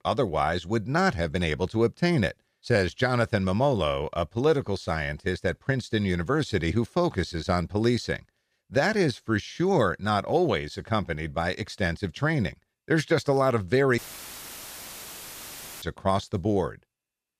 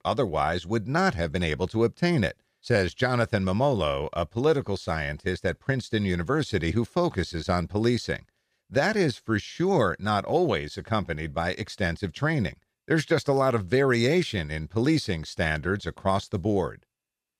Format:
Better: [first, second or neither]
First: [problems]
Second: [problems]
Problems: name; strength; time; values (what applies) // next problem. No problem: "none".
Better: second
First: audio cutting out; filled with static; at 14 s for 2 s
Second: none